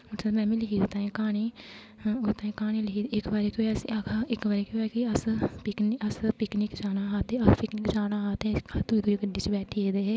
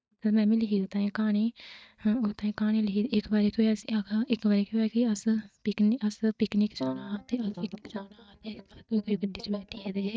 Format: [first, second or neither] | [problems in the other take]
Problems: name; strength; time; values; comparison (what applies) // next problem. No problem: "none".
first | noise reduction (neural mask model DeepFilterNet 3)